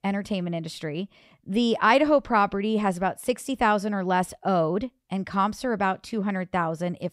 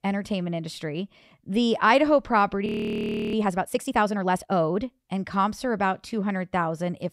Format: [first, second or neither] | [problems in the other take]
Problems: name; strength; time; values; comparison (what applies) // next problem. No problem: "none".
first | audio freezing; at 2.5 s for 0.5 s